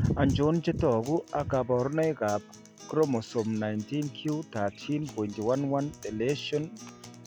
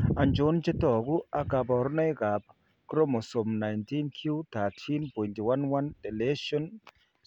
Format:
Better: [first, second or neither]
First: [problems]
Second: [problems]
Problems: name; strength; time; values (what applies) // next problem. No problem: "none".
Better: second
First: background sound (Acoustic guitar); 20 dB below the speech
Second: none